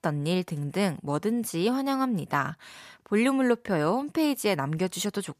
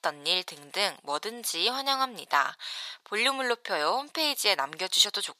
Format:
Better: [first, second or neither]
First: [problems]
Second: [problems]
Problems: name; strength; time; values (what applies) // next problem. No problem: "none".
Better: first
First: none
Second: thin; very; fading below 800 Hz